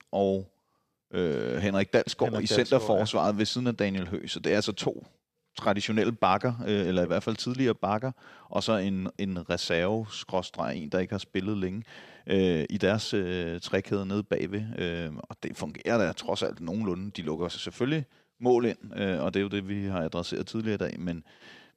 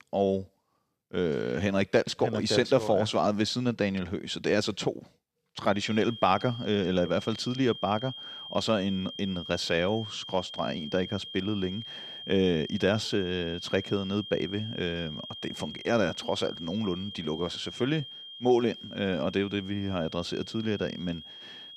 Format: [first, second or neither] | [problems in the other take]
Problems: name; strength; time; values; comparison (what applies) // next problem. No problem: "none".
first | high-pitched whine; noticeable; from 6 s on; 3 kHz, 10 dB below the speech